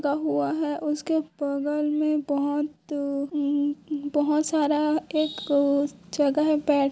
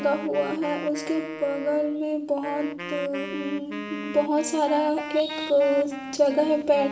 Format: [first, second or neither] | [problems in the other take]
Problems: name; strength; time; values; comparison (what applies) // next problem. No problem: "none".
first | background sound (Wind instrument, woodwind instrument); 11 dB below the speech // room echo; dies away in 0.6 s